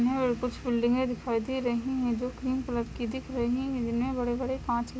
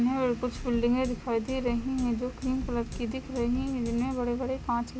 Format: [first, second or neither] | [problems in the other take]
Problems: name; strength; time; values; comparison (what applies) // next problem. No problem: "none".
first | background sound (Drum kit); 10 dB below the speech